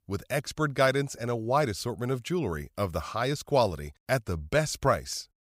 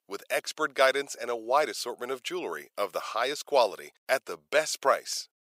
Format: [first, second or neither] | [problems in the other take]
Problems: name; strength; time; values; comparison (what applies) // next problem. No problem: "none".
first | thin; very; fading below 400 Hz